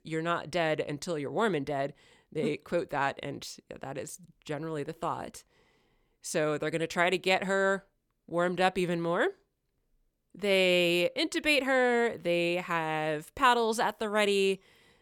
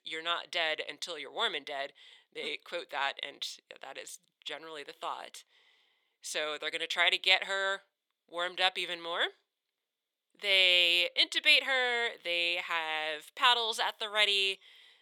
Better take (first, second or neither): first